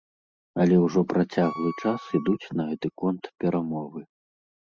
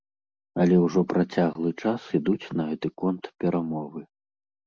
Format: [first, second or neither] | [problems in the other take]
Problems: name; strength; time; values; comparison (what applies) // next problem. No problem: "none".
second | noise reduction (classical method spectral subtraction)